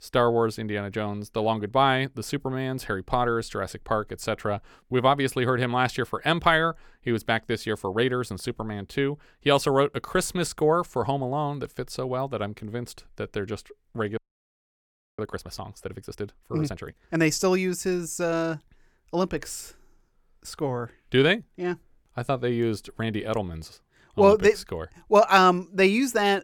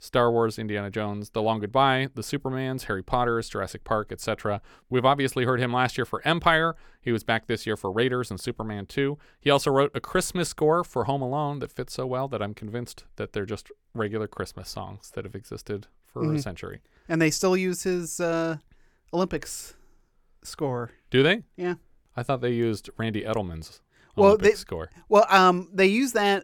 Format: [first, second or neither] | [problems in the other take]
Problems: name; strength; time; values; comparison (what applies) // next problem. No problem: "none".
second | audio freezing; at 14 s for 1 s